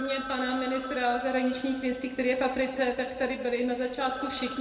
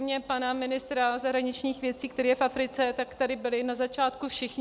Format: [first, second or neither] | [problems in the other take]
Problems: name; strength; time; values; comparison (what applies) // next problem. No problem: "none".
second | background sound (Telephone); 14 dB below the speech // room echo; dies away in 2.1 s